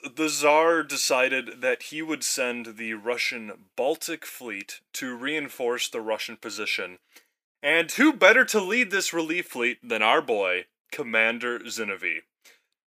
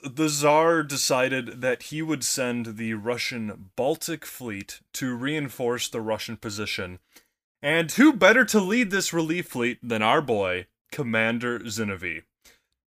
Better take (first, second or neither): second